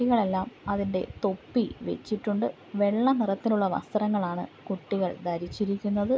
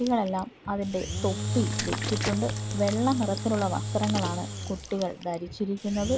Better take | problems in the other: first | background sound (Engine / Drill); 4 dB below the speech

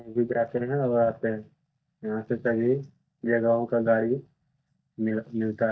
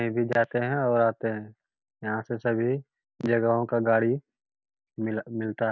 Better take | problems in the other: second | noise reduction (neural mask model DeepFilterNet 3)

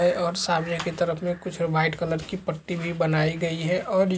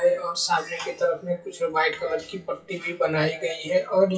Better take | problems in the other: first | noise reduction (classical method WPE with log-MMSE)

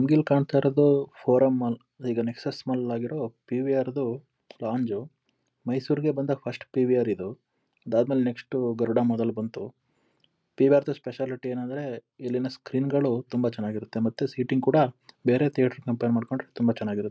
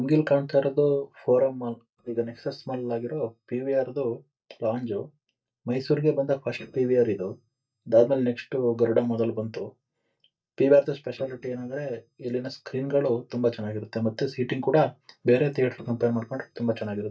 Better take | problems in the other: first | noise reduction (neural mask model DeepFilterNet 3)

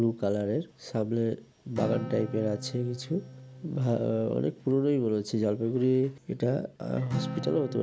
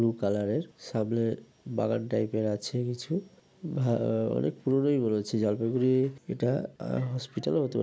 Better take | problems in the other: second | background sound (Acoustic guitar); 12 dB below the speech

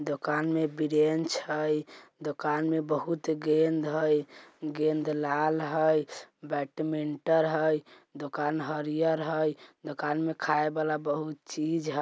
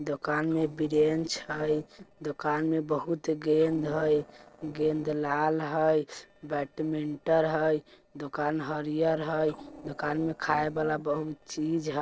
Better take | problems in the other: first | noise reduction (neural separator model SepFormer DNS4)

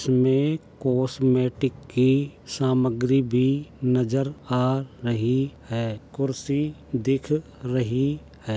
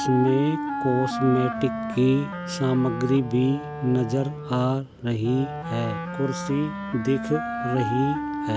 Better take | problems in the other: first | background sound (Wind instrument, woodwind instrument); 6 dB below the speech

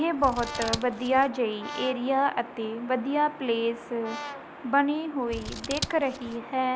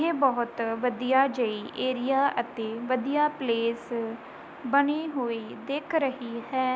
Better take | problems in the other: second | background sound (Brass instrument + Scissors); 11 dB below the speech

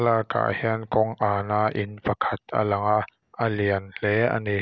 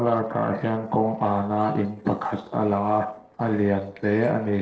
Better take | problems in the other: first | noise reduction (neural separator model SepFormer DNS4)

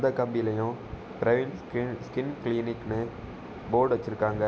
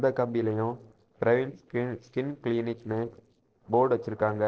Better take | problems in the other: first | noise reduction (neural separator model SepFormer DNS4)

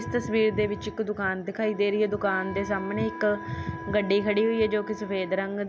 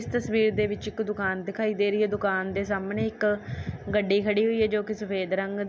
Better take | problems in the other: second | background sound (Wind instrument, woodwind instrument); 14 dB below the speech

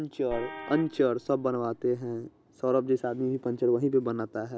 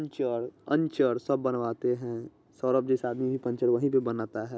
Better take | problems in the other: second | background sound (Vehicle horn, car horn, honking); 15 dB below the speech

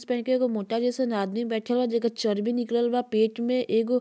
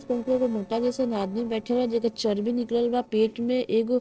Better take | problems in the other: first | noise reduction (neural separator model SepFormer DNS4)

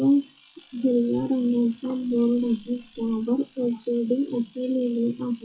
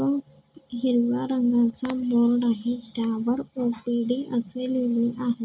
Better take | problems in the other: second | noise reduction (classical method WPE with log-MMSE)

